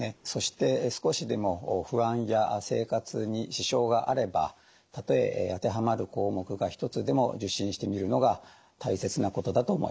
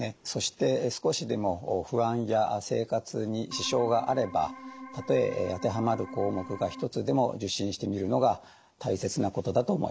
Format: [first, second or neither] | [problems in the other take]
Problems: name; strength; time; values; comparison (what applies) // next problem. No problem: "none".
first | background sound (Organ); 14 dB below the speech